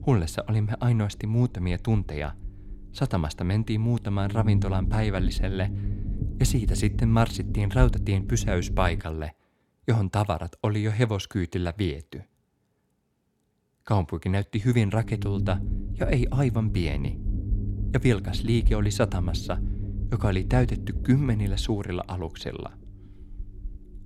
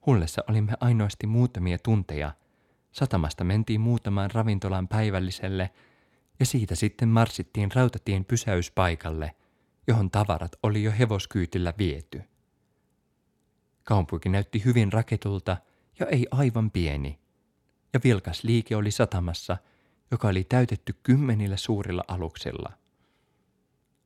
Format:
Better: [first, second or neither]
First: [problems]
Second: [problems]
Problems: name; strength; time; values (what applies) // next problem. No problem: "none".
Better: second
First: low rumble; noticeable; until 9 s and from 15 s on; 10 dB below the speech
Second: none